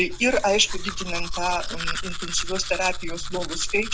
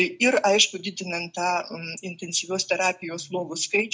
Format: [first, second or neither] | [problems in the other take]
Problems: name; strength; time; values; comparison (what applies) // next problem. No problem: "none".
second | background sound (Domestic sounds, home sounds); 3 dB below the speech